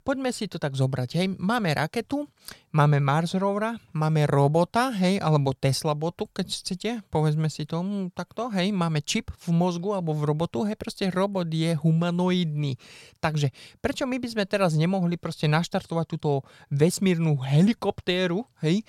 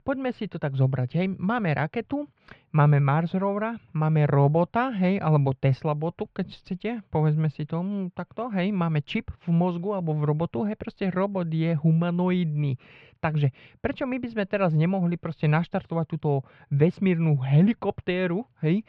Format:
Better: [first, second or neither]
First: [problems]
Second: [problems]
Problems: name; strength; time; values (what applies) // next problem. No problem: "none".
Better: first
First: none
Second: muffled; very; fading above 2.5 kHz